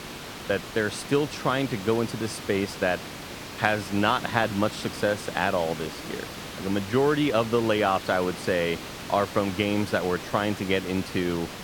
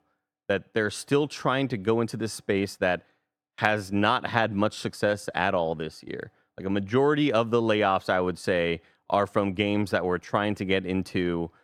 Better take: second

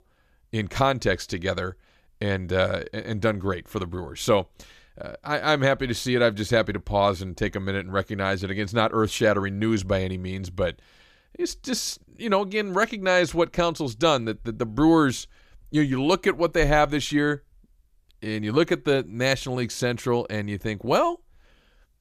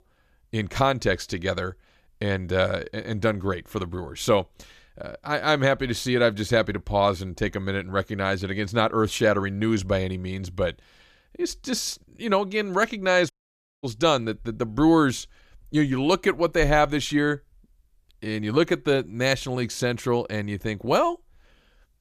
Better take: first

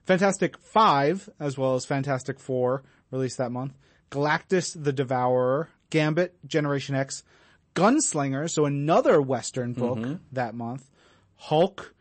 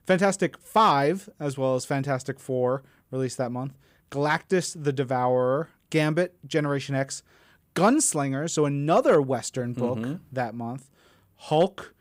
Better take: second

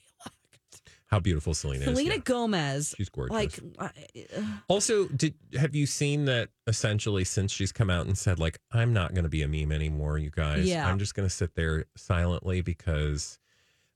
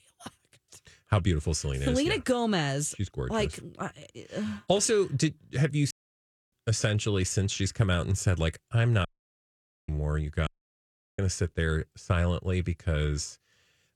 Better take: first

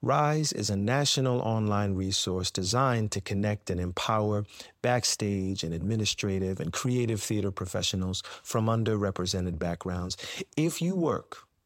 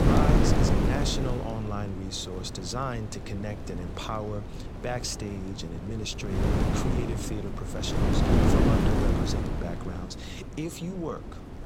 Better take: first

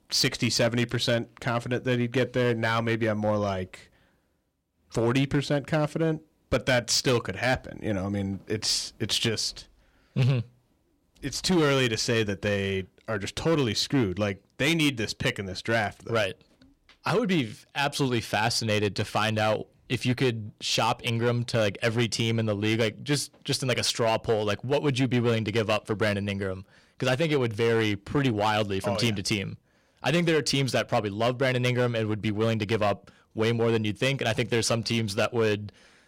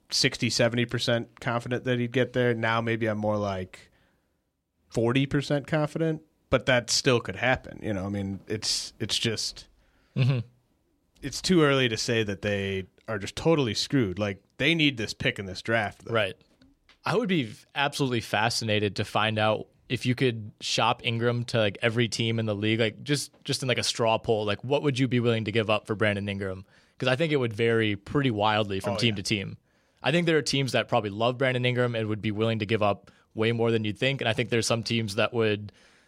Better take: second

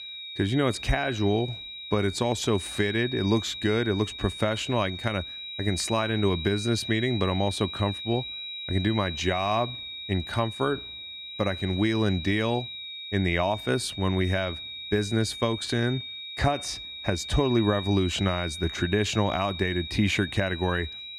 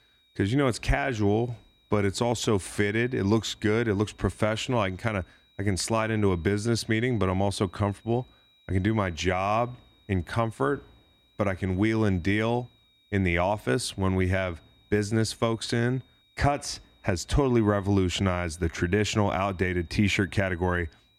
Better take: second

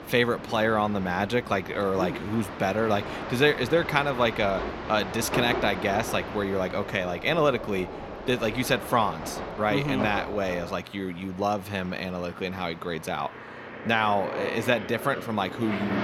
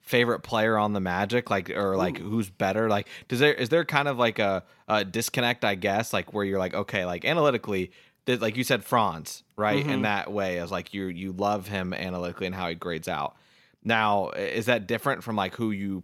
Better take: second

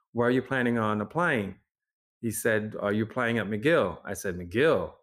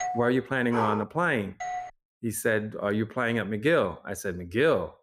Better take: first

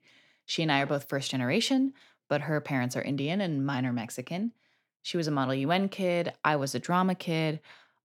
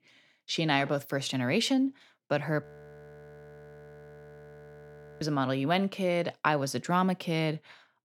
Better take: first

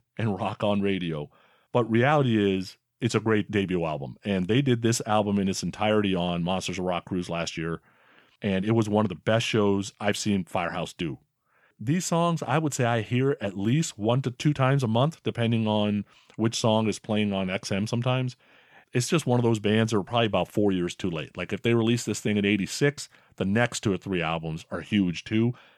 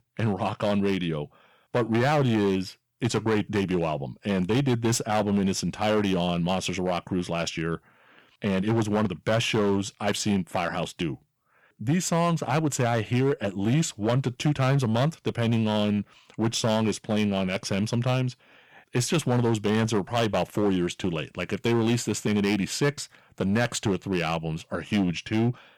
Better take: first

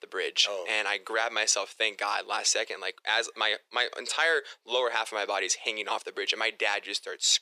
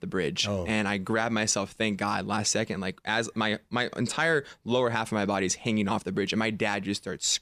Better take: second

